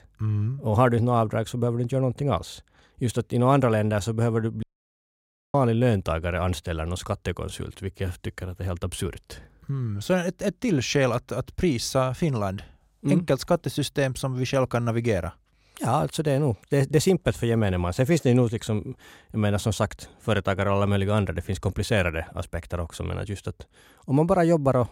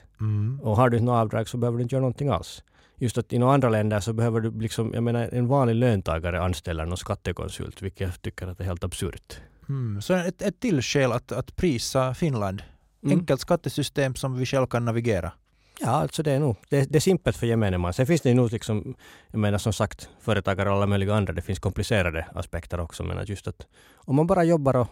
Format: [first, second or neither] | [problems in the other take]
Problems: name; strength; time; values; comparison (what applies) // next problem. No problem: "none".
second | audio cutting out; at 4.5 s for 1 s